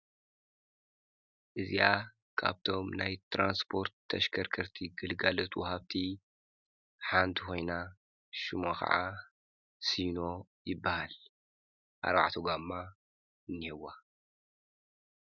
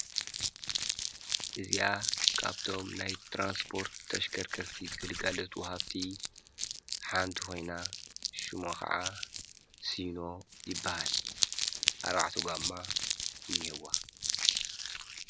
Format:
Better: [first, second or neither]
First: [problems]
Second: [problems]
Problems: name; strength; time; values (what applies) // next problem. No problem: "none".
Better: first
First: none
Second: background sound (Crumpling, crinkling); 2 dB above the speech